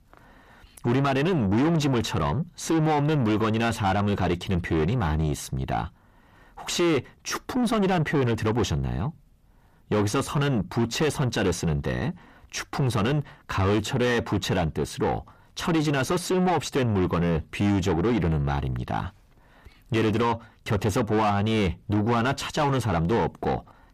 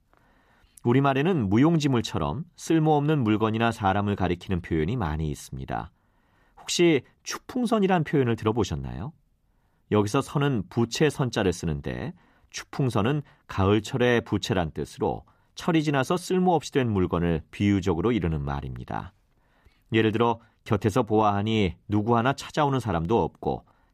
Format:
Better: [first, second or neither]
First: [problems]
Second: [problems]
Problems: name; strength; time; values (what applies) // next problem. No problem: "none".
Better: second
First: distortion; heavy; 6 dB below the speech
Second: none